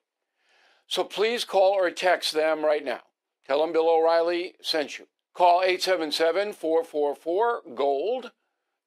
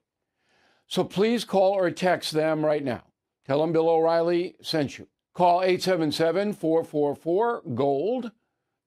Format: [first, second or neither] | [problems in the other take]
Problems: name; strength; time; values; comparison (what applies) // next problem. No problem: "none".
second | thin; somewhat; fading below 400 Hz